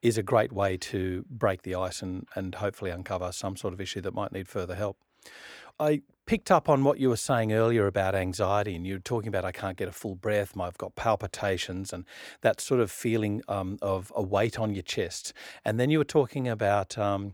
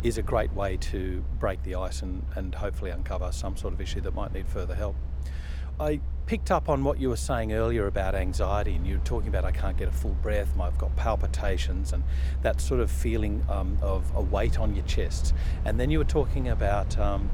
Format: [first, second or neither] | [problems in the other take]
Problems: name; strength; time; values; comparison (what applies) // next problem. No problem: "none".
first | low rumble; noticeable; throughout; 15 dB below the speech